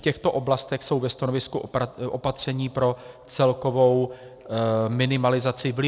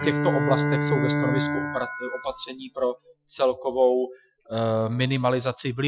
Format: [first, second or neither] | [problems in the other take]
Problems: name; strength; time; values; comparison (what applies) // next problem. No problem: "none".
first | noise reduction (classical method Wiener filter)